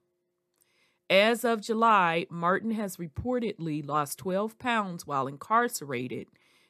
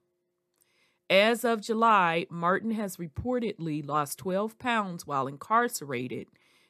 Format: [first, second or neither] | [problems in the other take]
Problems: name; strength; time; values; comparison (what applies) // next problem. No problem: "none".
neither | none